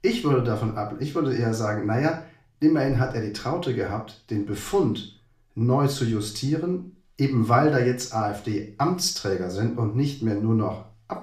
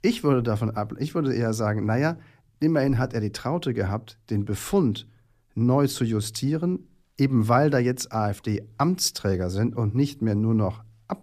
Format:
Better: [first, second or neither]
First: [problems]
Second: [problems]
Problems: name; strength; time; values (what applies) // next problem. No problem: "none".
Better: second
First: room echo; slight; dies away in 0.4 s // off-mic speech; somewhat distant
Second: none